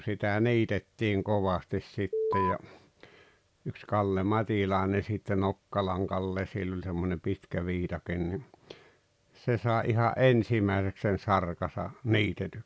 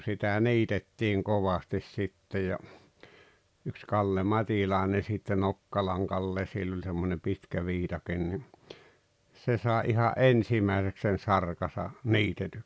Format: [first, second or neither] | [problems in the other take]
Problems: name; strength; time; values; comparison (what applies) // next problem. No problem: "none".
second | background sound (Alarm); 1 dB above the speech